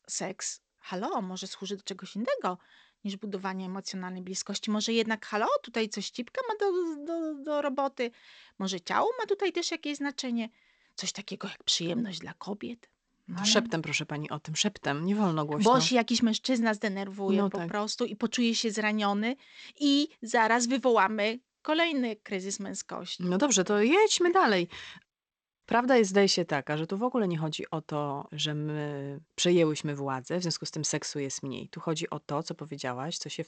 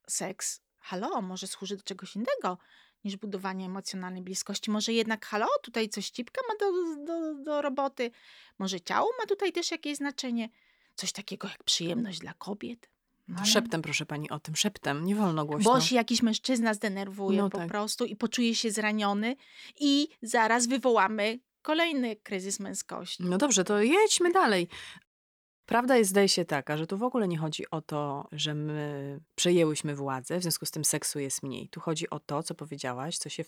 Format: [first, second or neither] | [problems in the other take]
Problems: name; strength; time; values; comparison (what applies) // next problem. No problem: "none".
second | garbled, watery; slightly; nothing above 7.5 kHz